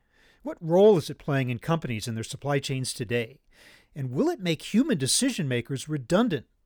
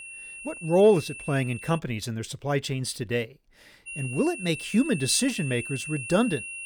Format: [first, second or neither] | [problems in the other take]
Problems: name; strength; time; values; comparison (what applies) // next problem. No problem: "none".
first | high-pitched whine; noticeable; until 2 s and from 4 s on; 2.5 kHz, 10 dB below the speech